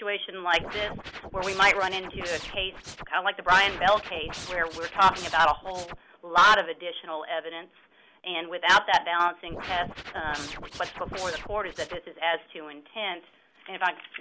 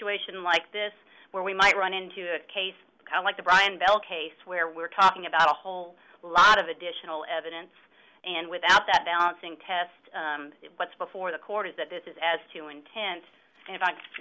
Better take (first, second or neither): second